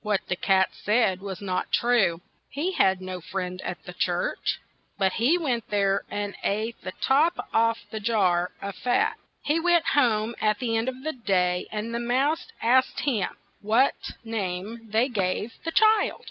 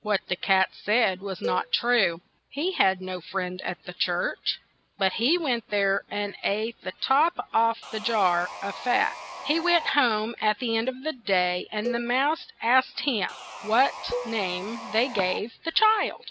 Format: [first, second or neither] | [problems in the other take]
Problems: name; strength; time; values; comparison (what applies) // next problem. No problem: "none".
first | background sound (Cowbell + Sawing); 11 dB below the speech